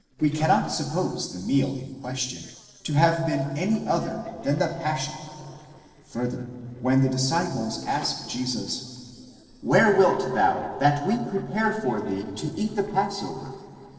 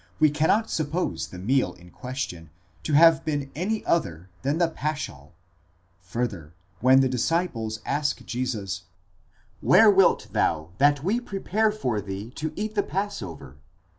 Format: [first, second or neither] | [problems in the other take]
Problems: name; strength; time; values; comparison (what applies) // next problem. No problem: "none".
second | noise reduction (neural separator model SepFormer DNS4)